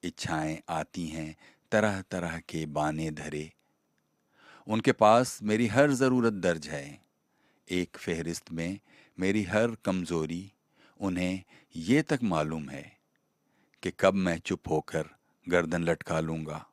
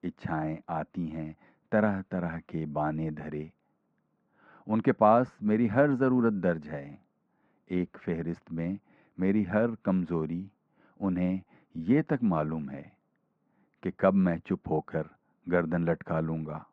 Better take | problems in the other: first | muffled; very; fading above 1.5 kHz

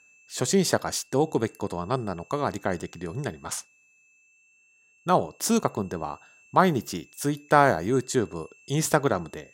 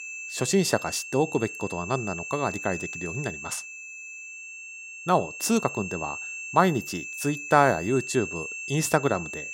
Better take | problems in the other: first | high-pitched whine; loud; throughout; 2.5 kHz, 9 dB below the speech; faint in the first

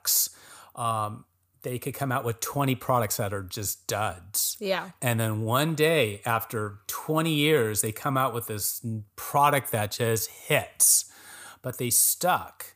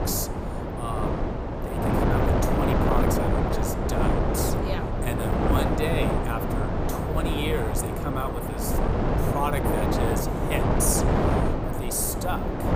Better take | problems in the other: first | wind noise on the microphone; heavy; 4 dB above the speech

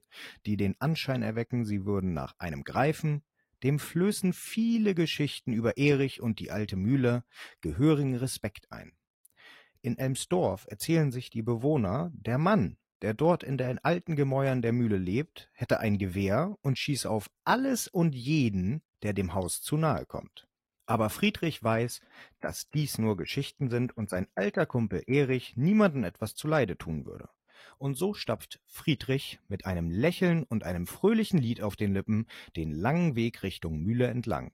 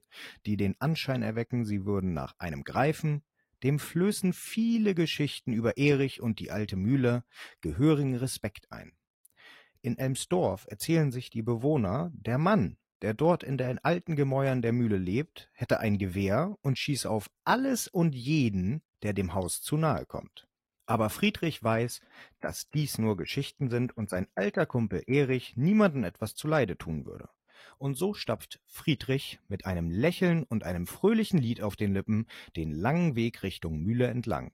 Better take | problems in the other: neither | garbled, watery; slightly; nothing above 13.5 kHz; the same in both

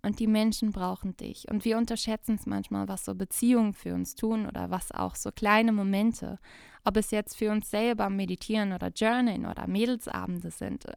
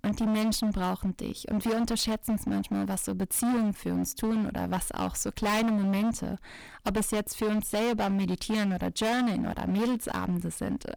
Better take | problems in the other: first | distortion; heavy; 22% of the sound clipped

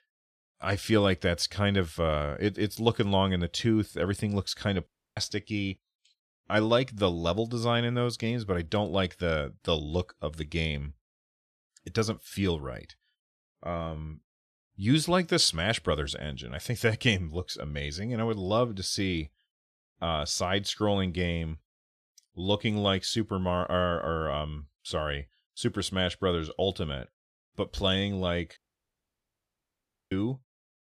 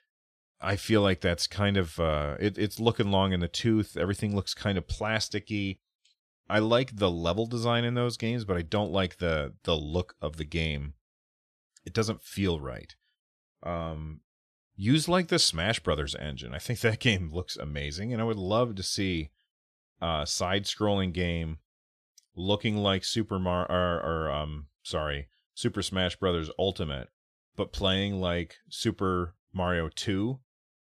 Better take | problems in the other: second | audio cutting out; at 5 s and at 29 s for 1.5 s

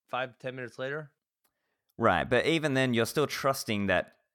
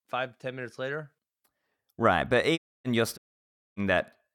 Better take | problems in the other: first | audio cutting out; at 2.5 s and at 3 s for 0.5 s

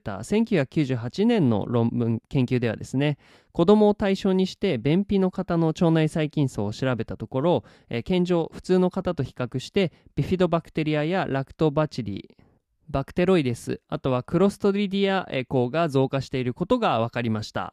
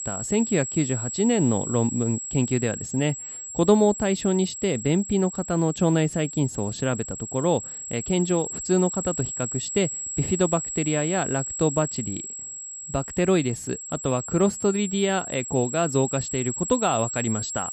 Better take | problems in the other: first | high-pitched whine; loud; throughout; 7.5 kHz, 6 dB below the speech

